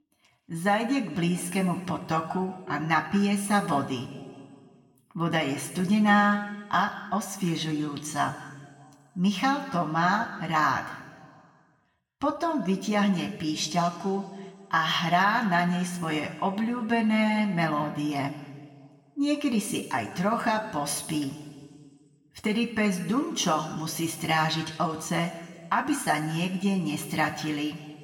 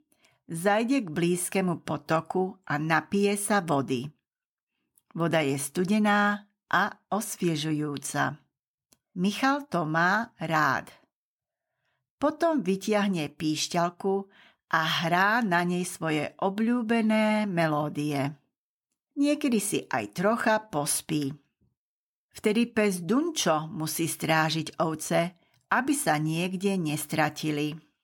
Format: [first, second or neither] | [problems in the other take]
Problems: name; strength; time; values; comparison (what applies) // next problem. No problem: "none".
second | room echo; slight; dies away in 1.5 s // off-mic speech; somewhat distant